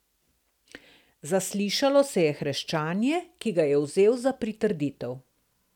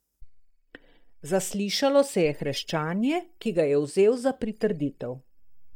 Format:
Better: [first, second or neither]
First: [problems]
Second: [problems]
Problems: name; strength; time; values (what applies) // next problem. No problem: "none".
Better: first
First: none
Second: noise reduction (neural mask model DeepFilterNet 3)